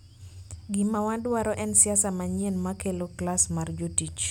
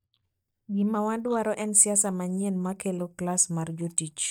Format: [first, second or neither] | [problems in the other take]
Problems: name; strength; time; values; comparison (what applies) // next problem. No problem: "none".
first | noise reduction (neural mask model DeepFilterNet 3)